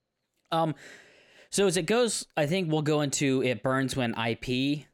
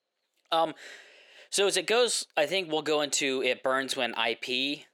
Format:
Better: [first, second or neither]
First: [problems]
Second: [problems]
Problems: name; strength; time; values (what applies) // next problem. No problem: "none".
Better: first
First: none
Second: thin; somewhat; fading below 500 Hz